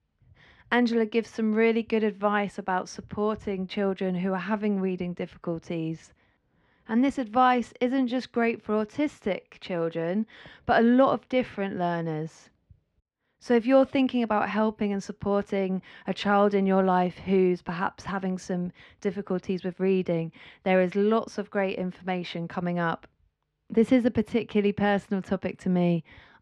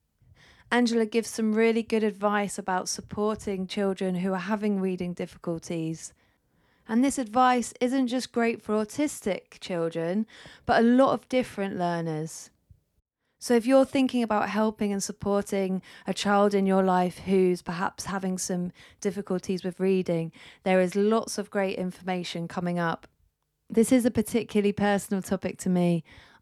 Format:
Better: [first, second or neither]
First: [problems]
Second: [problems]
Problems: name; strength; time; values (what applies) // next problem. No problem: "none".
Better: second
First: muffled; slightly; fading above 3 kHz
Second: none